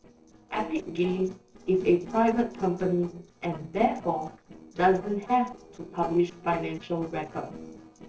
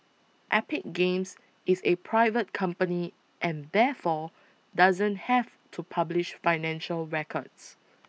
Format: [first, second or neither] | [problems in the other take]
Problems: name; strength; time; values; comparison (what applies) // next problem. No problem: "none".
second | noise reduction (neural separator model SepFormer DNS4)